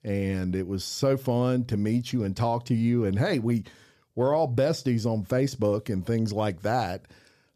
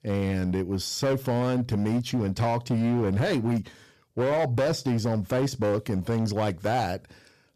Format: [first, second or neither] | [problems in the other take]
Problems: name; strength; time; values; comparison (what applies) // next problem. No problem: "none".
first | distortion; slight; 15% of the sound clipped